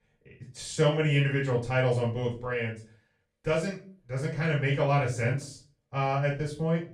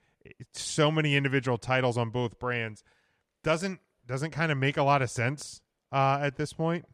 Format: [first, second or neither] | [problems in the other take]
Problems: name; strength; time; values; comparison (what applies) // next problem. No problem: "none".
second | off-mic speech; far // room echo; slight; dies away in 0.3 s